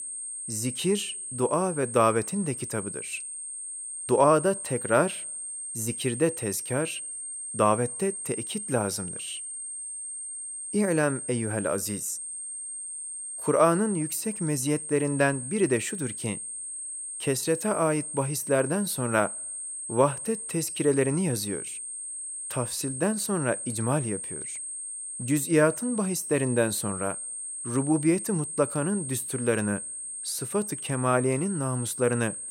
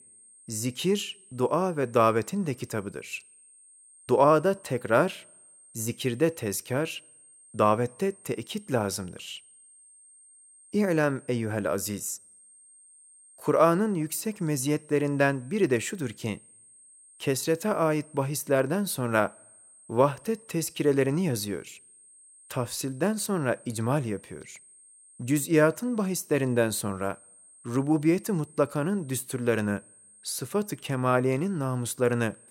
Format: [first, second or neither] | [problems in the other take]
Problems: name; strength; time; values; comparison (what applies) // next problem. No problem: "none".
second | high-pitched whine; loud; throughout; 8.5 kHz, 6 dB below the speech; faint in the second